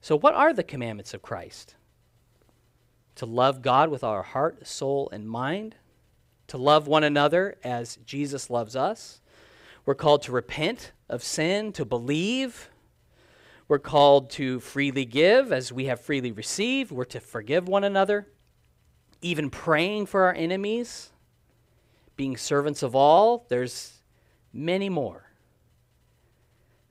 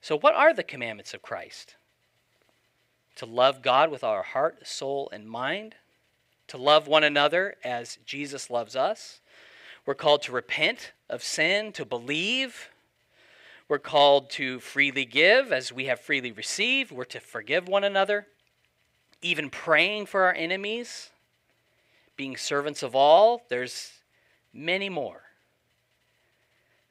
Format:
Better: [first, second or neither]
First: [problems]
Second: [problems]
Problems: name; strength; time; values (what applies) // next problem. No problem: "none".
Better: first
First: none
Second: thin; very slightly; fading below 550 Hz